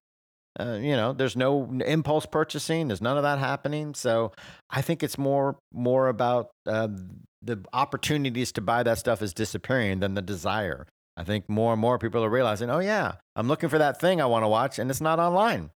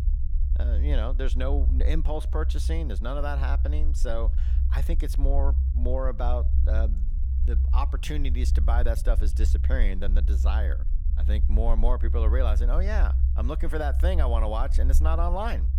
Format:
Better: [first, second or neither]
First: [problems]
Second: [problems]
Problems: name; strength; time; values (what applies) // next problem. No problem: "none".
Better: first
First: none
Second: low rumble; noticeable; throughout; 10 dB below the speech